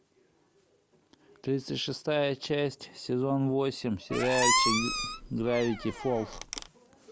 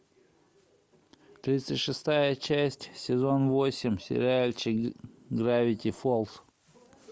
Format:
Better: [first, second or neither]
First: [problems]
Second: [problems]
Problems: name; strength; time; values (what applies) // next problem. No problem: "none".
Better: second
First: background sound (Squeak); 1 dB above the speech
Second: none